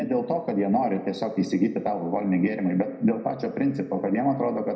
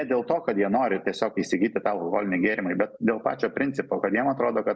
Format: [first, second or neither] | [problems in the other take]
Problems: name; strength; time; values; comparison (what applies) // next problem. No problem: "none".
second | room echo; dies away in 0.8 s